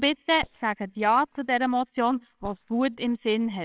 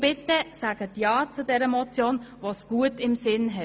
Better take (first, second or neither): second